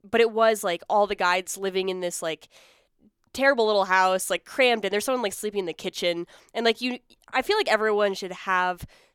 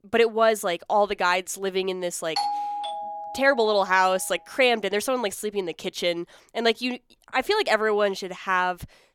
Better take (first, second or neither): first